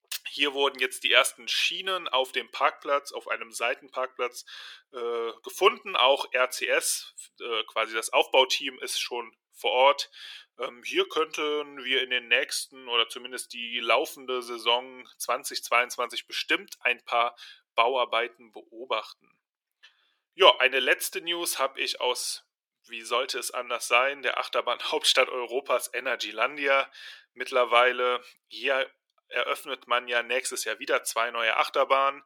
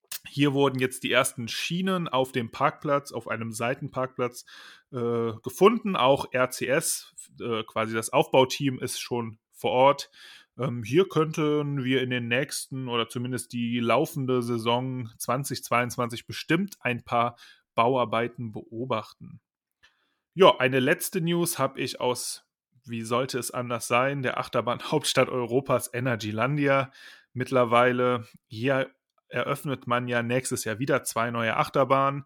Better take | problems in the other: second | thin; very; fading below 400 Hz

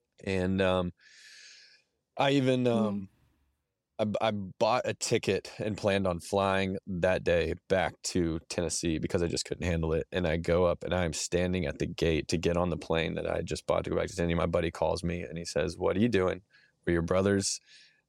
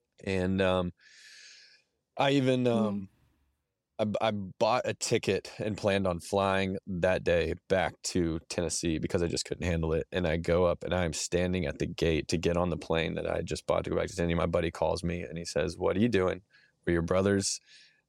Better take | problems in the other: neither | none

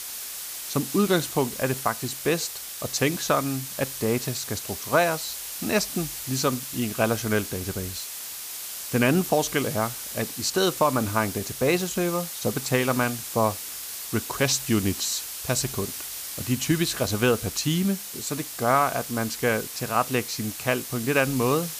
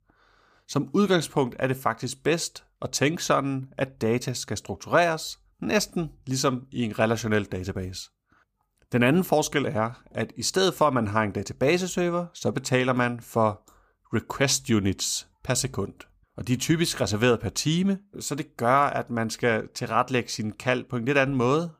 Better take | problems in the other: second | hiss; loud; throughout; 7 dB below the speech

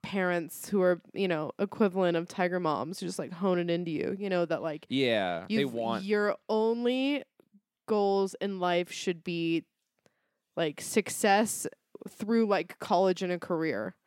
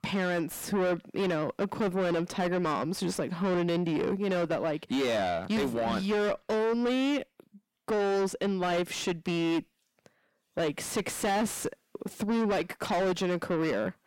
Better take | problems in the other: first | distortion; heavy; 6 dB below the speech

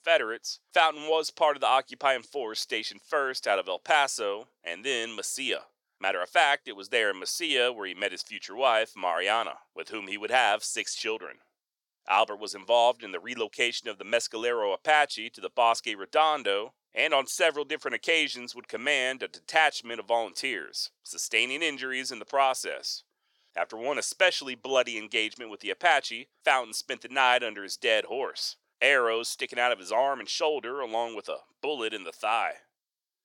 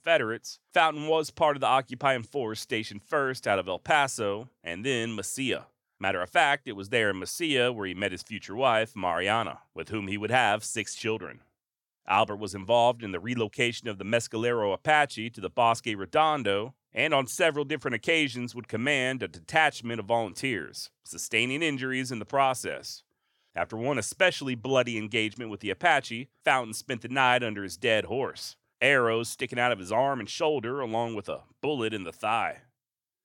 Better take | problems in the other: second | thin; somewhat; fading below 500 Hz

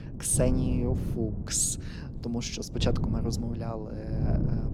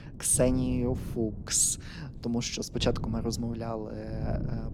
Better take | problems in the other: second | wind noise on the microphone; heavy; 8 dB below the speech; occasional gusts in the second

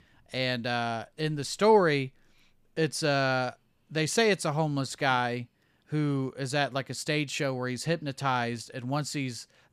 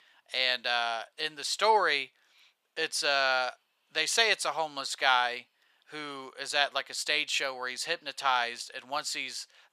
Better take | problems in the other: first | thin; very; fading below 850 Hz

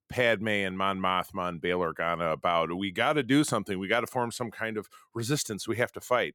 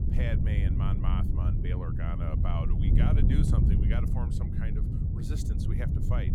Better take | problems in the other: first | wind noise on the microphone; heavy; 1 dB above the speech

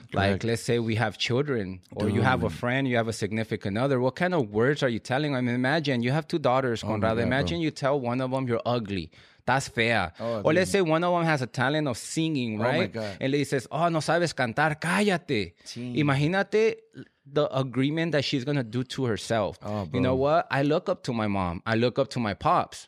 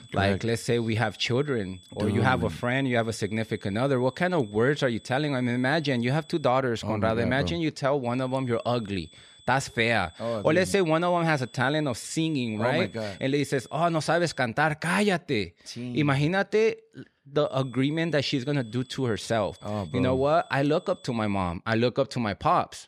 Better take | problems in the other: first | high-pitched whine; faint; until 6.5 s, from 8 to 14 s and from 17 to 22 s; 3.5 kHz, 25 dB below the speech

